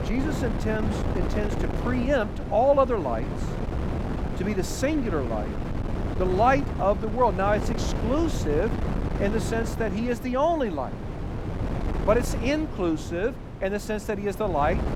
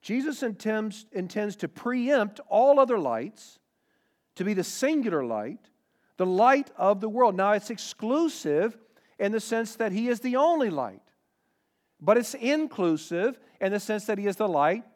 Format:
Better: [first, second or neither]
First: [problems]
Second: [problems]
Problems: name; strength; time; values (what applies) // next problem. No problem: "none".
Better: second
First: wind noise on the microphone; heavy; 10 dB below the speech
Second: none